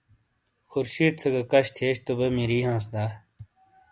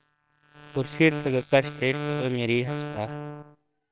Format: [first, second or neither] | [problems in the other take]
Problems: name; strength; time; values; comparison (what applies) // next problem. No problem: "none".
first | noise reduction (neural separator model SepFormer WHAMR!)